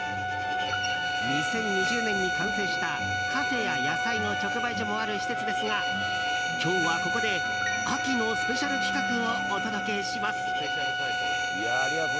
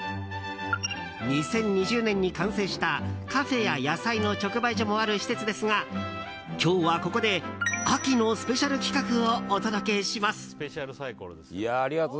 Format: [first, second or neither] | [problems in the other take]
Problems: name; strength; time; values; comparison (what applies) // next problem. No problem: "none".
second | background sound (Bowed string instrument); 4 dB above the speech